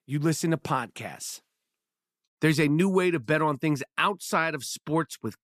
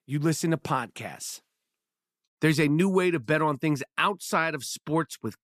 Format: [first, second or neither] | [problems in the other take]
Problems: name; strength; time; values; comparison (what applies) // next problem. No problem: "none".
neither | none